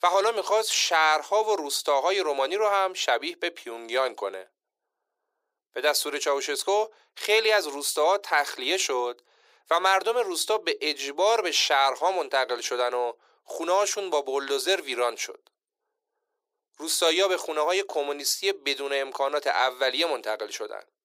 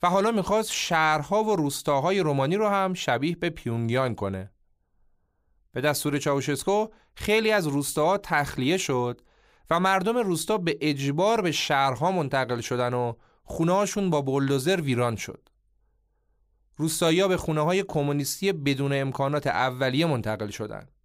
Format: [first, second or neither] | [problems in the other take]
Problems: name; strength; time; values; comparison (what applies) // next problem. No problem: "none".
second | thin; very; fading below 400 Hz